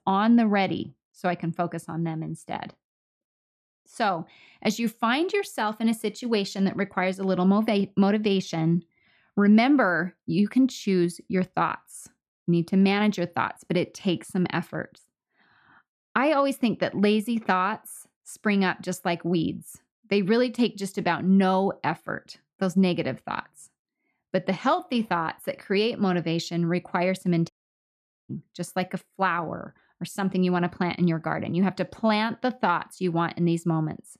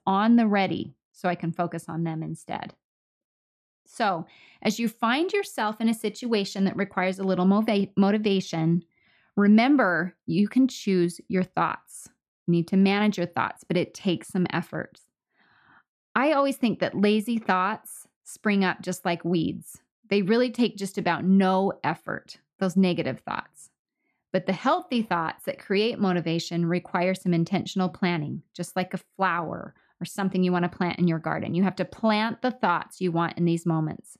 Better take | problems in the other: second | audio cutting out; at 28 s for 1 s

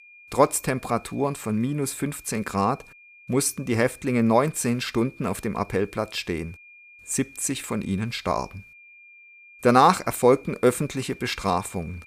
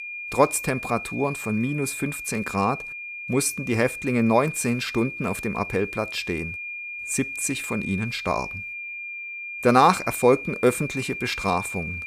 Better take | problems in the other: first | high-pitched whine; loud; throughout; 2.5 kHz, 8 dB below the speech; faint in the first

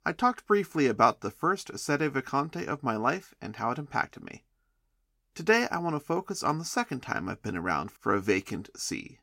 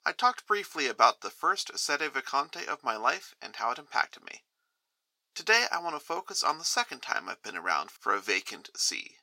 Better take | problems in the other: first | thin; very; fading below 700 Hz

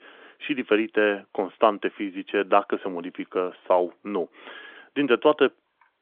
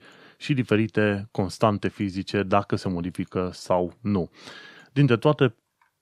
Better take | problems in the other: second | phone-call audio

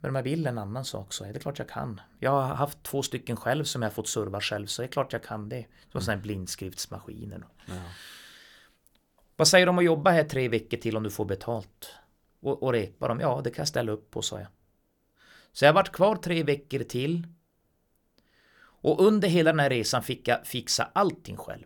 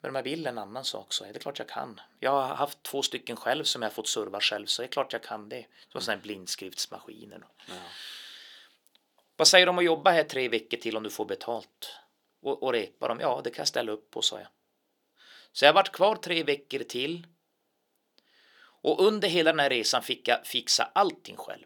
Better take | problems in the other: first | thin; somewhat; fading below 350 Hz

